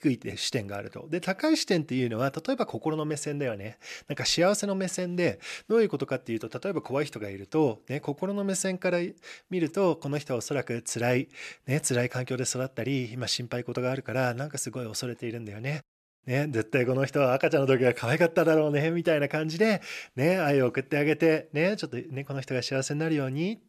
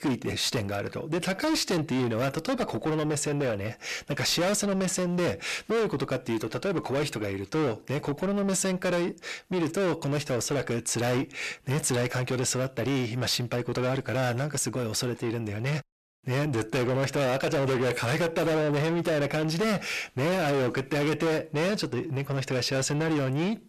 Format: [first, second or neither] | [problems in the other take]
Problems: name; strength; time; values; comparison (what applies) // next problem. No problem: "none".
first | distortion; heavy; 6 dB below the speech